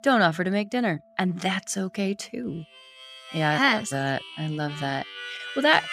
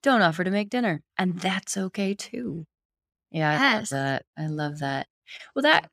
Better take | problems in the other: second | background music; noticeable; throughout; 10 dB below the speech

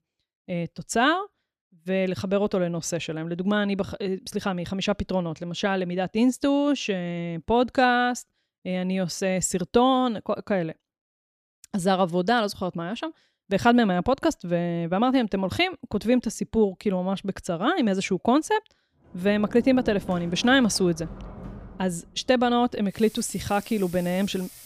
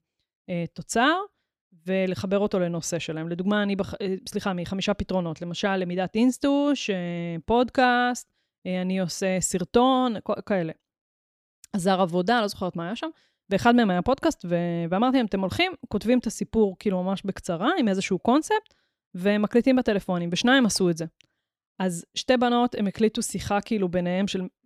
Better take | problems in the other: second | household noises; noticeable; from 19 s on; 20 dB below the speech

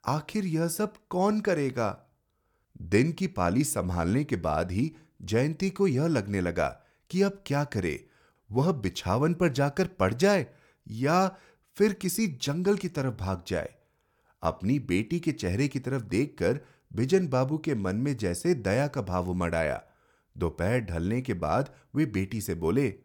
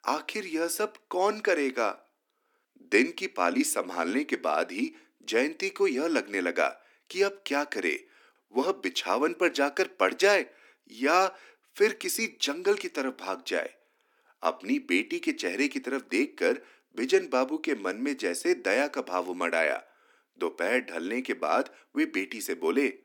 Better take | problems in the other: first | thin; somewhat; fading below 250 Hz

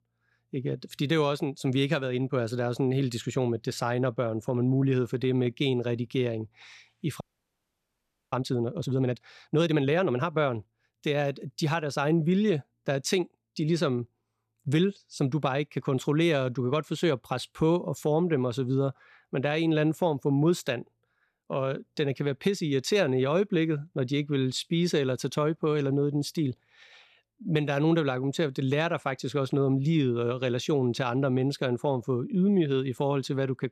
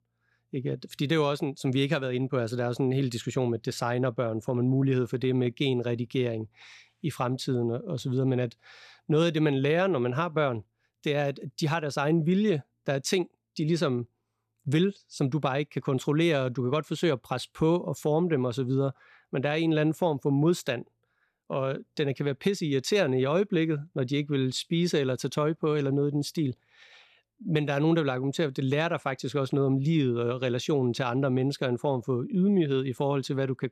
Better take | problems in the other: second | audio freezing; at 7 s for 1 s

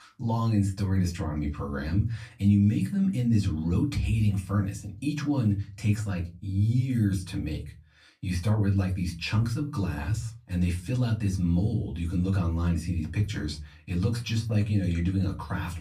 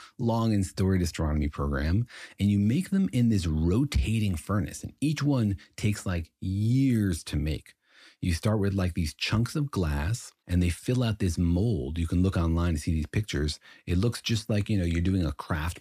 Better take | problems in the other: second | off-mic speech; far // room echo; very slight; dies away in 0.3 s

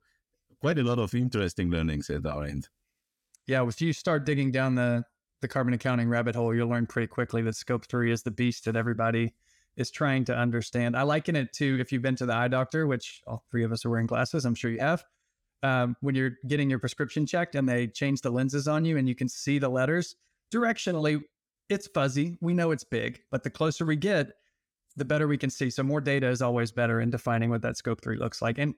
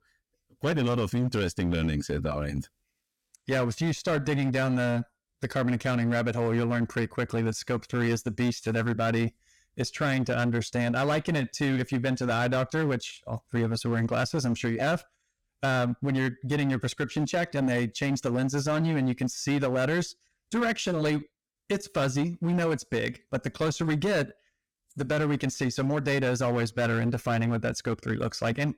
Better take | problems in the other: first | distortion; slight; 13% of the sound clipped

